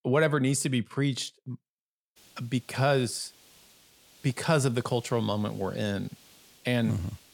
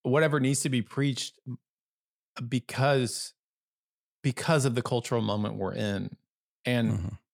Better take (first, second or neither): second